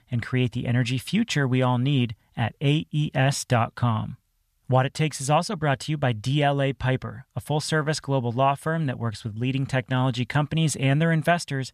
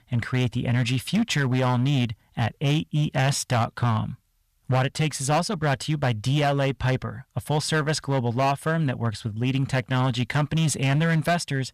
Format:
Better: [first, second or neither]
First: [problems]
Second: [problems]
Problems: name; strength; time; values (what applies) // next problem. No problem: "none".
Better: first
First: none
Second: distortion; slight; 12% of the sound clipped